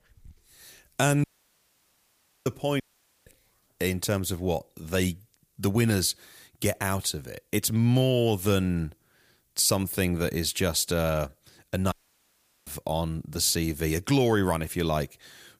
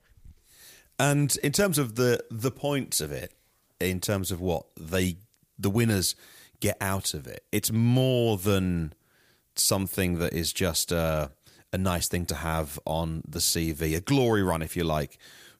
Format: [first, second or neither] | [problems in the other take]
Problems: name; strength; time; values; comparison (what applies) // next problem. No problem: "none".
second | audio cutting out; at 1 s for 1 s, at 3 s and at 12 s for 0.5 s